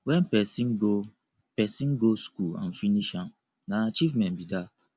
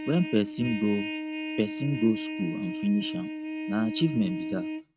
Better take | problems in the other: first | noise reduction (neural mask model RNNoise)

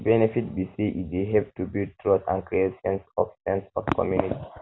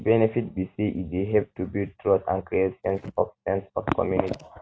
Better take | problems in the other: first | noise reduction (neural mask model RNNoise)

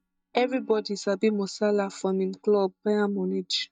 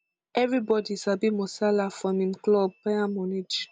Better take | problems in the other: second | noise reduction (neural mask model DeepFilterNet 3)

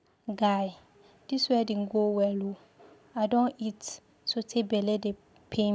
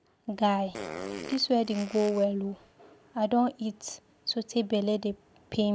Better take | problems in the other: first | background sound (Fart); 12 dB below the speech

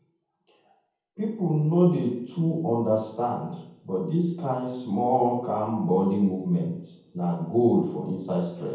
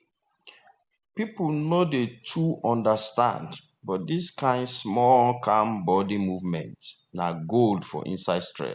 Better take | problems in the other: second | room echo; dies away in 0.9 s

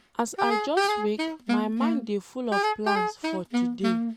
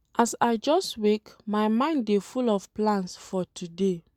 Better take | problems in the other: second | background sound (Wind instrument, woodwind instrument); 3 dB above the speech

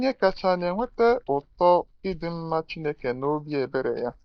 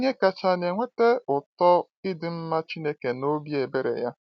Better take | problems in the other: second | noise reduction (neural mask model DeepFilterNet 3)

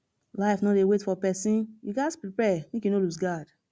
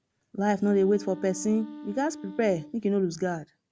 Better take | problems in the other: first | background sound (Wind instrument, woodwind instrument); 16 dB below the speech

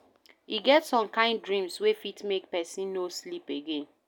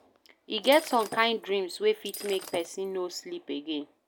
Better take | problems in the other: first | background sound (Shatter); 14 dB below the speech

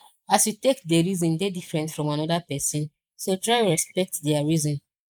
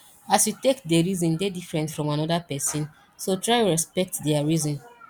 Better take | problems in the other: second | noise reduction (neural mask model Resemble Enhance denoiser)

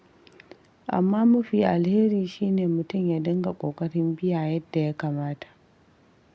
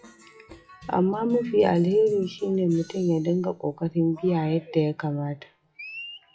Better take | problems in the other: first | noise reduction (classical method WPE with log-MMSE)

